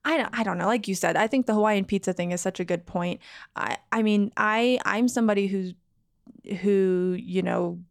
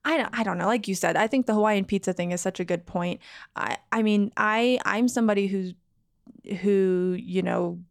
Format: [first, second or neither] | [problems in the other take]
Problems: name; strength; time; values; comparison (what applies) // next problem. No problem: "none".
neither | none